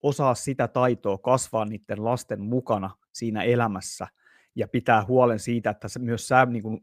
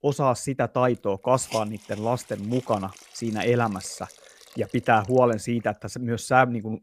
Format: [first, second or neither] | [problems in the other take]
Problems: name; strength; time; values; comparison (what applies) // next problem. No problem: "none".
first | hiss; noticeable; throughout; 20 dB below the speech